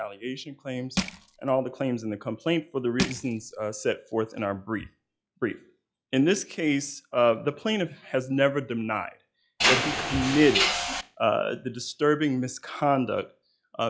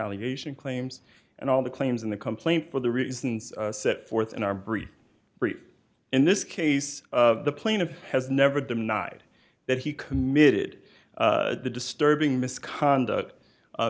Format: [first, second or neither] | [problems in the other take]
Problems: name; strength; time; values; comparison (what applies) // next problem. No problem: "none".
second | noise reduction (classical method log-MMSE)